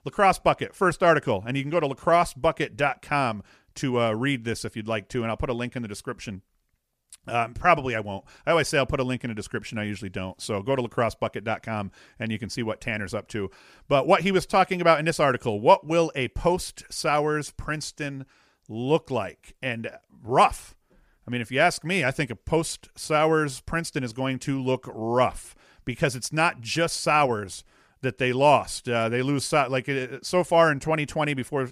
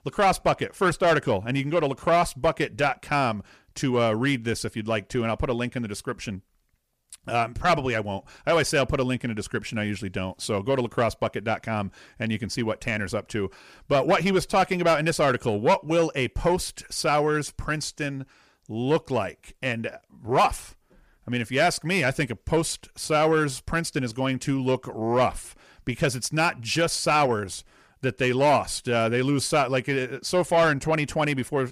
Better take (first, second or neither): first